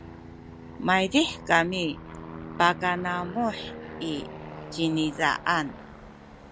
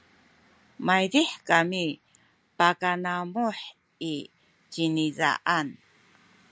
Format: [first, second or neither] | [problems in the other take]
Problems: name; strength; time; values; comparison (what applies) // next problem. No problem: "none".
second | background sound (Aircraft); 13 dB below the speech